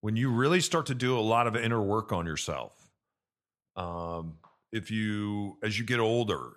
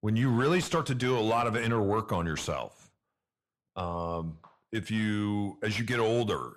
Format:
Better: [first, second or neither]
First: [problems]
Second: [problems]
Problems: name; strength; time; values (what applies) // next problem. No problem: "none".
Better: first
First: none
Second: distortion; slight; 10 dB below the speech